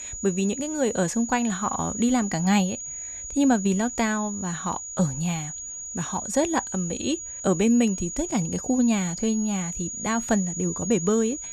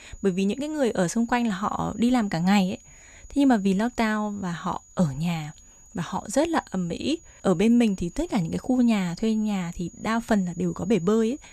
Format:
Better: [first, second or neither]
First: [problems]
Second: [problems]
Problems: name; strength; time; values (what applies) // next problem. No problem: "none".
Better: second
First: high-pitched whine; loud; throughout; 7 kHz, 7 dB below the speech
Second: high-pitched whine; faint; throughout; 7 kHz, 25 dB below the speech